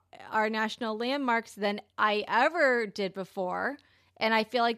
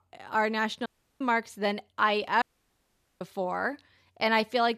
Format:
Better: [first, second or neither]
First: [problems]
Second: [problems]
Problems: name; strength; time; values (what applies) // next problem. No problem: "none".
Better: first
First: none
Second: audio cutting out; at 1 s and at 2.5 s for 1 s